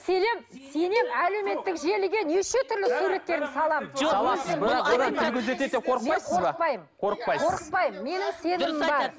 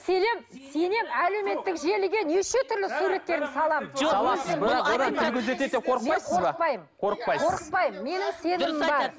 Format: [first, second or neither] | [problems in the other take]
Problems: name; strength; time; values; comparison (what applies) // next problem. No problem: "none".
second | background sound (Cowbell); 10 dB below the speech